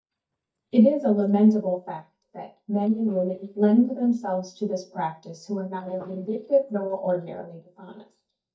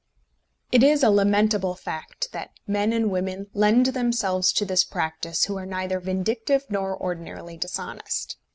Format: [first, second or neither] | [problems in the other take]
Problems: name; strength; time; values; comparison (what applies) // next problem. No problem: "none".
second | noise reduction (neural mask model DeepFilterNet 3)